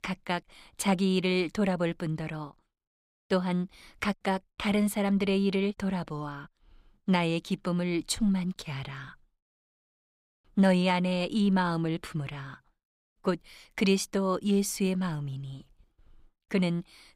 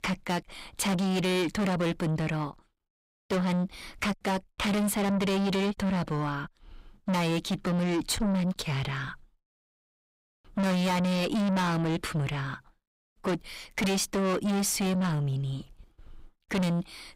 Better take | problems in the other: first | distortion; heavy; 6 dB below the speech

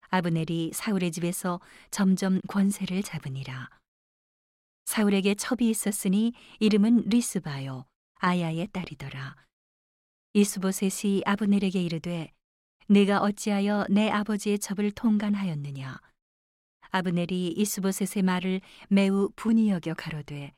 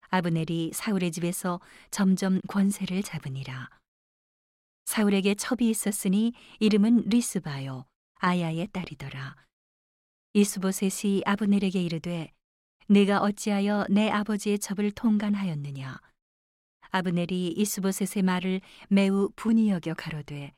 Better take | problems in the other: neither | none

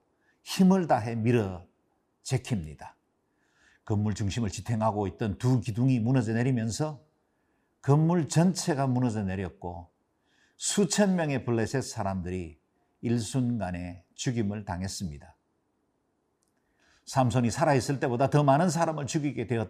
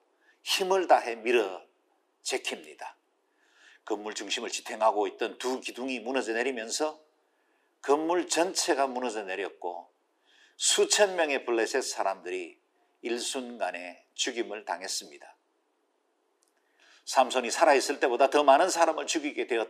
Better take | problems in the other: first | thin; very; fading below 350 Hz

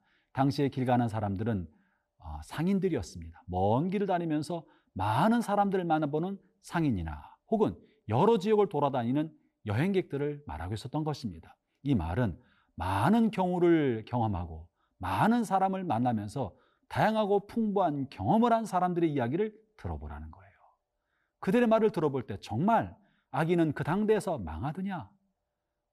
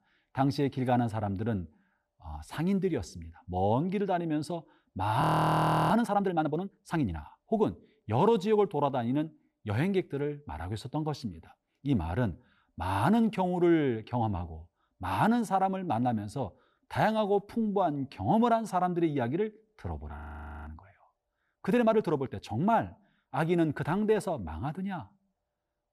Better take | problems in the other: first | audio freezing; at 5 s for 0.5 s and at 20 s

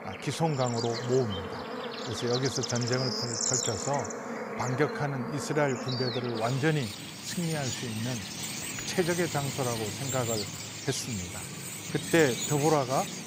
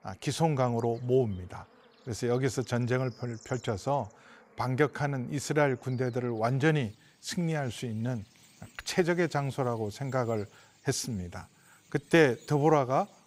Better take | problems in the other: second | animal sounds; loud; throughout; 3 dB below the speech; faint in the second

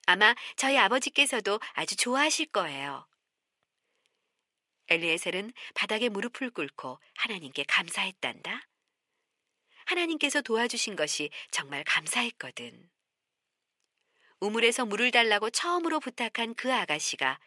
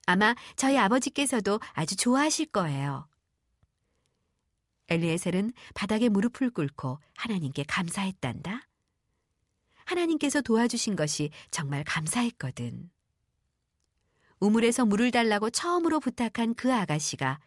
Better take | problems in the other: second | thin; somewhat; fading below 450 Hz

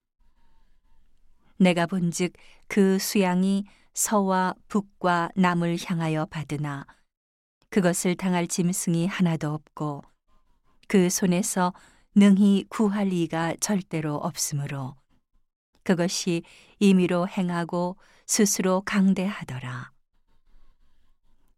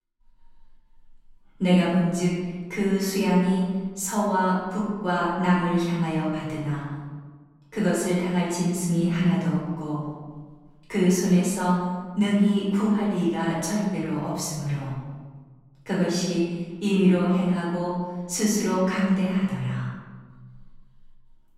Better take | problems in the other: first | room echo; noticeable; dies away in 1.3 s // off-mic speech; far

